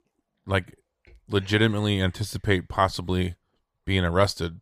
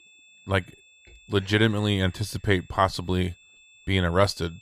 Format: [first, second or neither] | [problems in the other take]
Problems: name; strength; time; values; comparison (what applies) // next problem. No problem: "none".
first | high-pitched whine; faint; throughout; 2.5 kHz, 30 dB below the speech